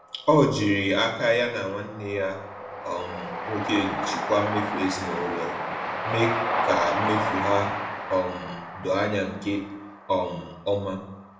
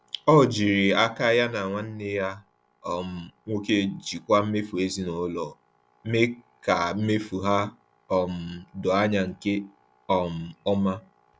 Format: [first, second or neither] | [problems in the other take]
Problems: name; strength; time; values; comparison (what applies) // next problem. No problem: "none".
second | background sound (Train); 4 dB below the speech // room echo; dies away in 0.7 s